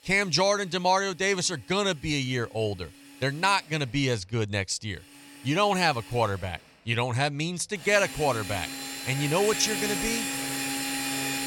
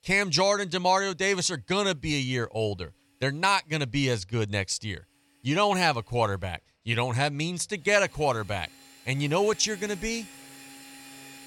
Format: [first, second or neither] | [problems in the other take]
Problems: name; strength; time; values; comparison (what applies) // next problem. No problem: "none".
second | machinery noise; loud; throughout; 4 dB below the speech; faint in the second